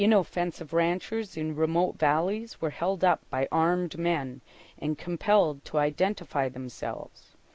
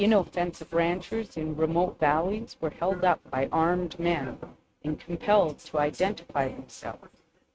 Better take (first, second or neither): first